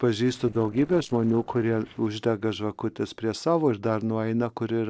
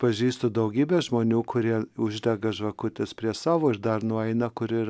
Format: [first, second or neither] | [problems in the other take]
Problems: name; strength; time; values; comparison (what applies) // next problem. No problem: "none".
second | noise reduction (neural separator model SepFormer DNS4)